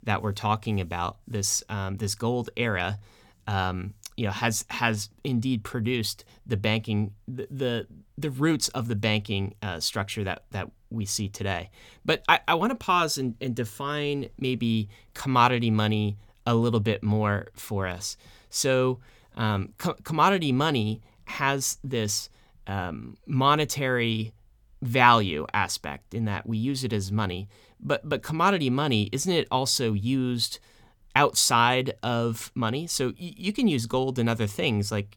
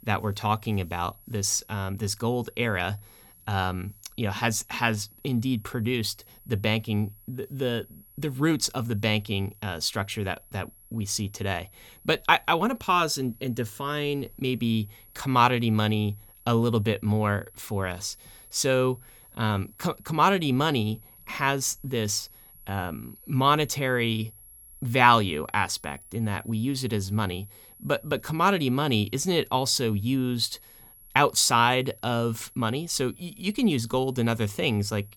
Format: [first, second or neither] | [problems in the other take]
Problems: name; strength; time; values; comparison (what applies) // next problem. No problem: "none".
first | high-pitched whine; faint; throughout; 11.5 kHz, 25 dB below the speech